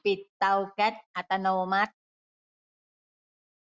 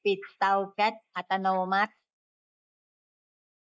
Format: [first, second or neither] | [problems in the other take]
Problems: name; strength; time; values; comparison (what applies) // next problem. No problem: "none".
first | noise reduction (neural mask model Resemble Enhance denoiser)